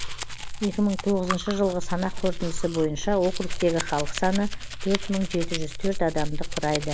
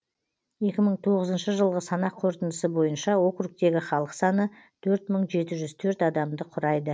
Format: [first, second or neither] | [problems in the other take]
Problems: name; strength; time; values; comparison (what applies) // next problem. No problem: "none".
second | background sound (Domestic sounds, home sounds); 2 dB below the speech